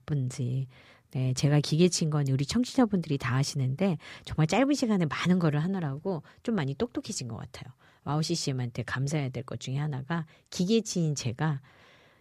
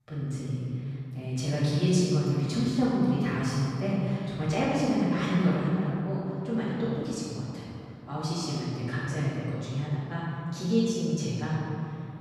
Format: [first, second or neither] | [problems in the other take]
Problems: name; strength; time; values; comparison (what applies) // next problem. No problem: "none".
first | off-mic speech; far // room echo; strong; dies away in 2.7 s